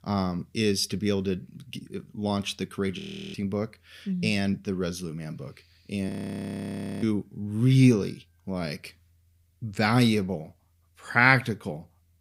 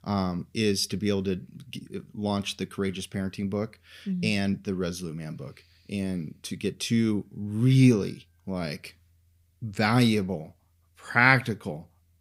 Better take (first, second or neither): second